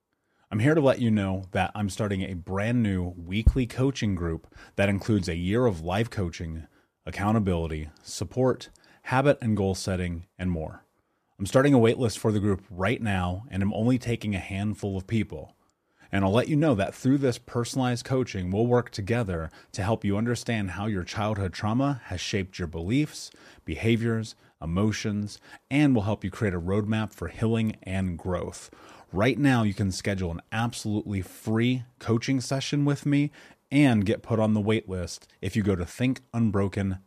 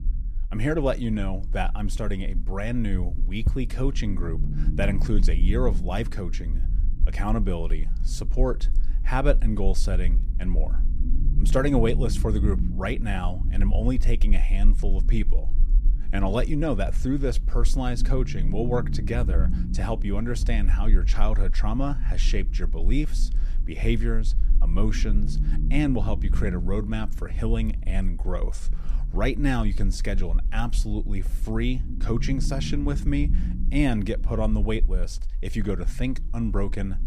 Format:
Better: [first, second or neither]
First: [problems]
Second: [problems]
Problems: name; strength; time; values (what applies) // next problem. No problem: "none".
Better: first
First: none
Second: low rumble; noticeable; throughout; 15 dB below the speech